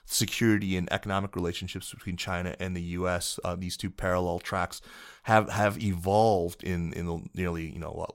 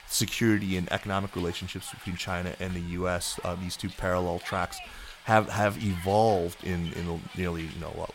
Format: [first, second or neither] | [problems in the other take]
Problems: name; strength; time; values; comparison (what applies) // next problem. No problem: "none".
first | hiss; noticeable; throughout; 15 dB below the speech